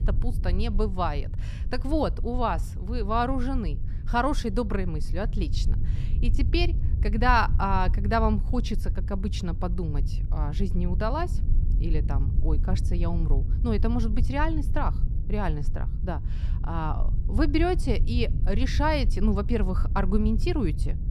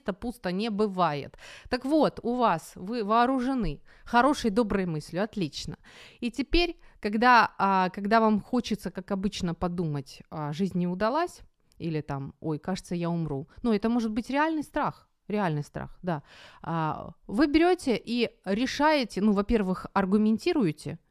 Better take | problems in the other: second | low rumble; noticeable; throughout; 15 dB below the speech

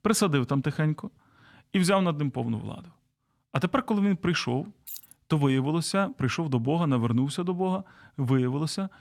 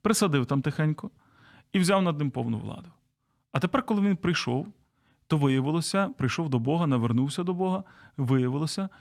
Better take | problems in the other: second | jangling keys; faint; at 5 s; peak 15 dB below the speech

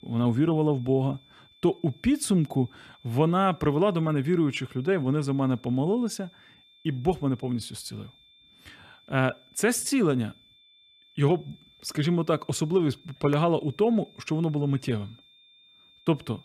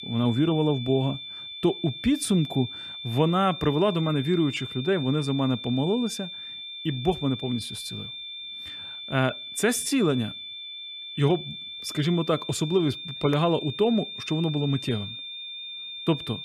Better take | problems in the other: first | high-pitched whine; loud; throughout; 3.5 kHz, 9 dB below the speech; faint in the first

